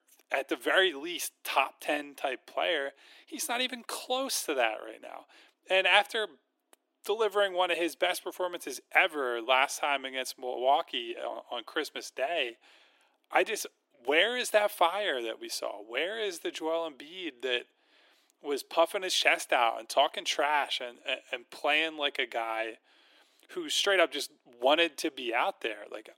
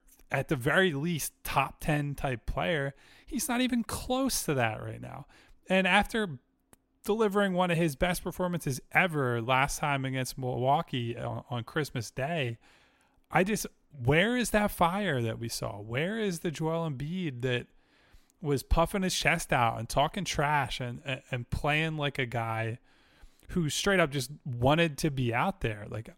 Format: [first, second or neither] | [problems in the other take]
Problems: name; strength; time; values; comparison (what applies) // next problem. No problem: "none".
second | thin; very; fading below 300 Hz